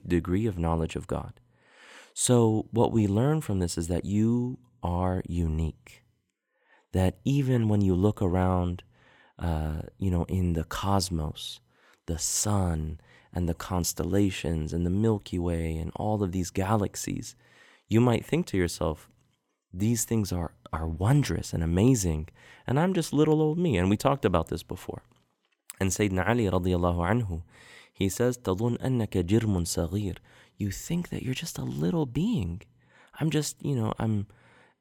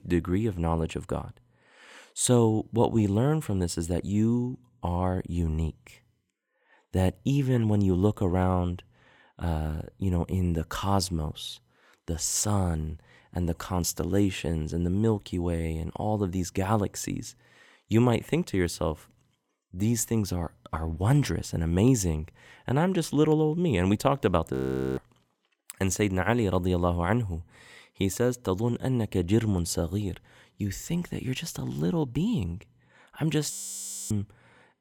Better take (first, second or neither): first